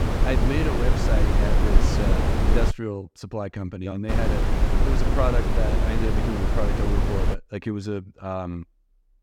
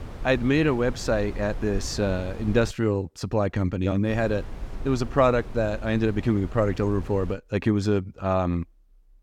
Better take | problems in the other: second | wind noise on the microphone; heavy; until 2.5 s and from 4 to 7.5 s; 2 dB above the speech; occasional gusts in the second

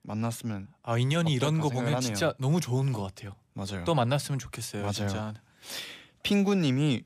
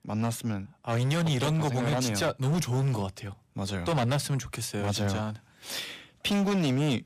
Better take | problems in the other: first | distortion; slight; 16% of the sound clipped

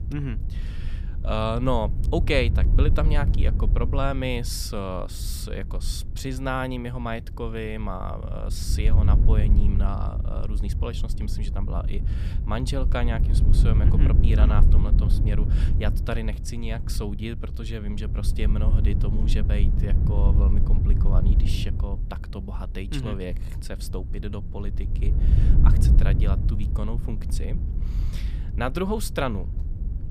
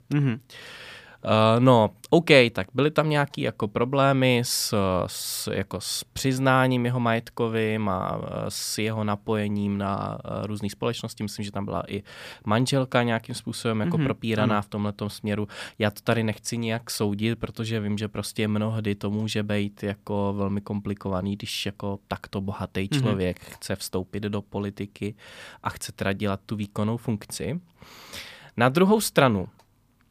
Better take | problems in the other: second | wind noise on the microphone; heavy; 8 dB below the speech

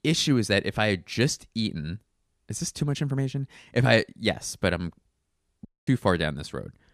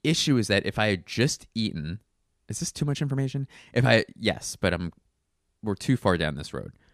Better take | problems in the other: second | audio cutting out; at 5.5 s

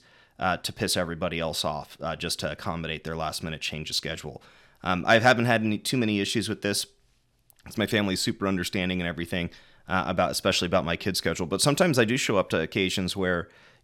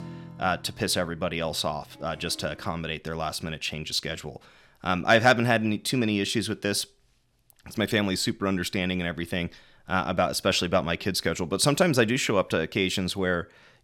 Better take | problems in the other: first | background music; faint; until 3 s; 25 dB below the speech

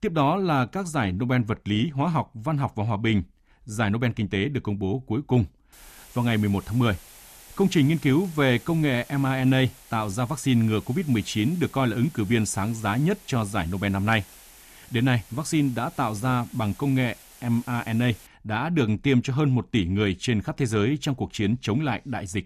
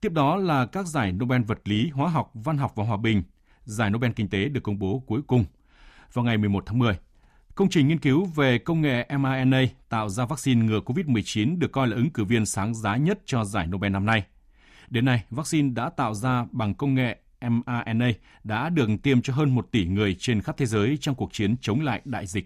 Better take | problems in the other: second | hiss; faint; from 5.5 to 18 s; 20 dB below the speech

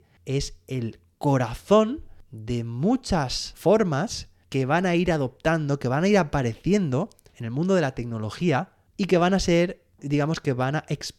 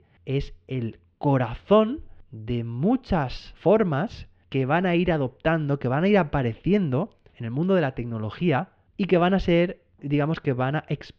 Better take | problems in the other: first | muffled; very; fading above 3 kHz

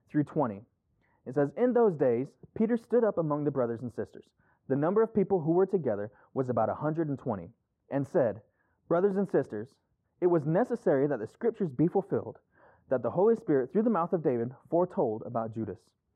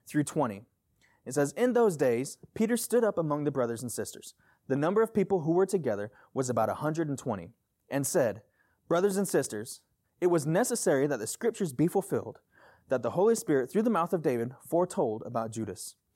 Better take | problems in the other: second | muffled; very; fading above 3.5 kHz

